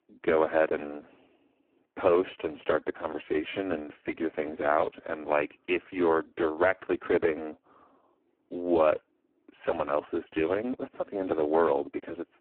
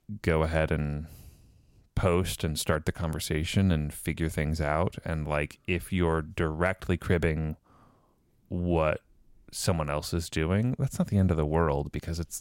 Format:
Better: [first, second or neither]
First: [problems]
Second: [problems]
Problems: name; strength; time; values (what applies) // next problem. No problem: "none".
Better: second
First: phone-call audio; poor line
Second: none